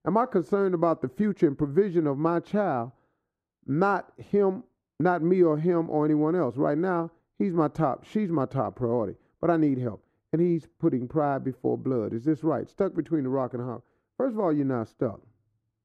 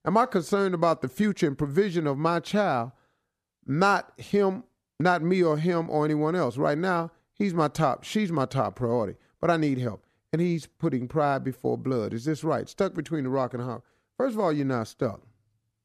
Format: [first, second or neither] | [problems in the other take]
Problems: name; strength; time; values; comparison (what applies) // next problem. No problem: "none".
second | muffled; slightly; fading above 2 kHz